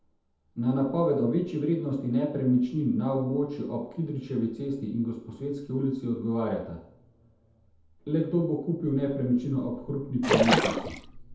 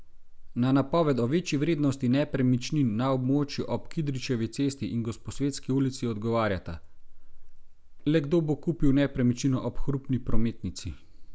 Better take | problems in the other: second | background sound (Splash, splatter); 3 dB above the speech // room echo; dies away in 0.8 s

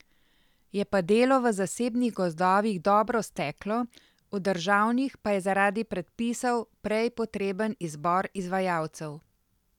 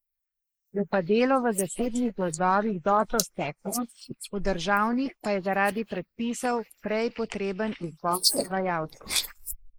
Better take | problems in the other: first | noise reduction (neural mask model Resemble Enhance denoiser)

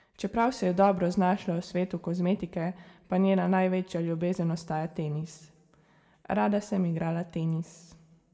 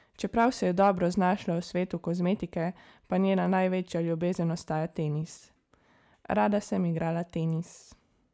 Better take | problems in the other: second | room echo; dies away in 0.8 s

